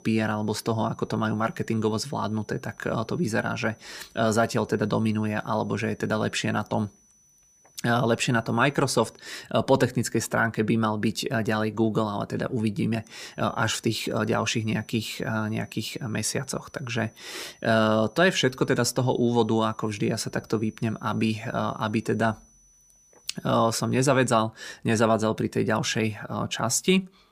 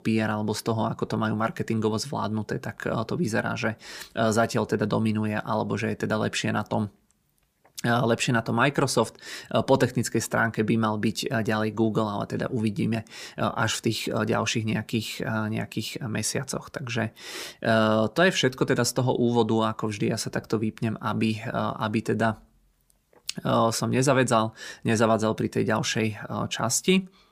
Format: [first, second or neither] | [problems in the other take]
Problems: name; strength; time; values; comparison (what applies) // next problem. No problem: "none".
second | high-pitched whine; faint; until 9 s and from 13 to 24 s; 6 kHz, 30 dB below the speech